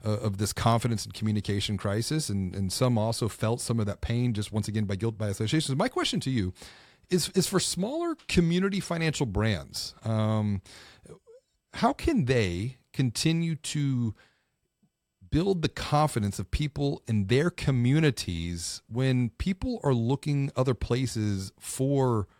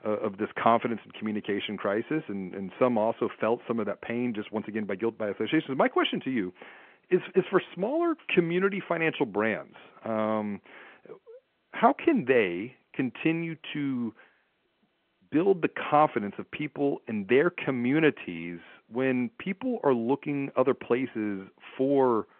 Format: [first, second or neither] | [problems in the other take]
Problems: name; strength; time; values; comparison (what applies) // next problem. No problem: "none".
first | phone-call audio